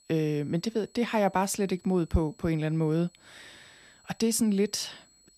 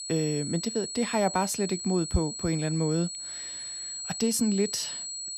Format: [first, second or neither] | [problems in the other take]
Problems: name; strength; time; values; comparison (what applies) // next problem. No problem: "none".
first | high-pitched whine; loud; throughout; 8 kHz, 6 dB below the speech; faint in the first